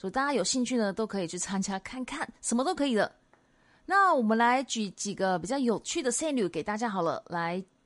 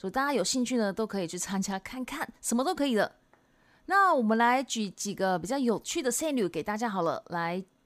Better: second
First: garbled, watery; slightly; nothing above 10.5 kHz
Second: none

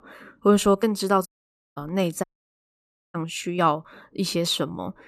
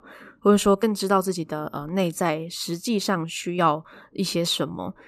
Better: second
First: audio cutting out; at 1.5 s for 0.5 s and at 2 s for 1 s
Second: none

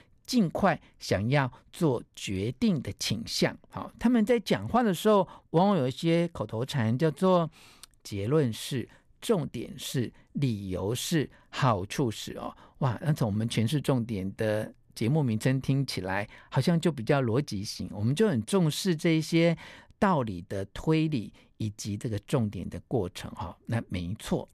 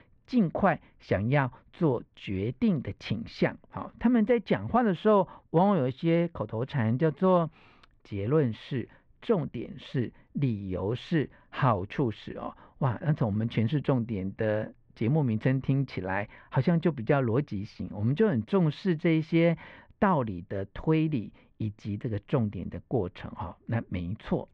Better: first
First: none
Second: muffled; very; fading above 2.5 kHz

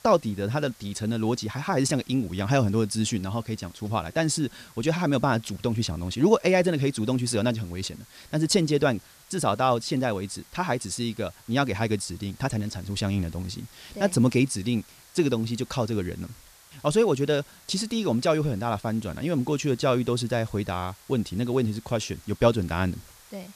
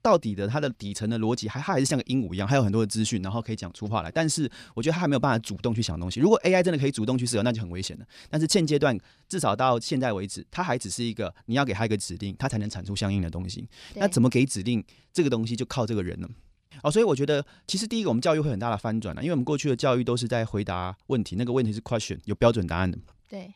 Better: second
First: hiss; faint; throughout; 25 dB below the speech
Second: none

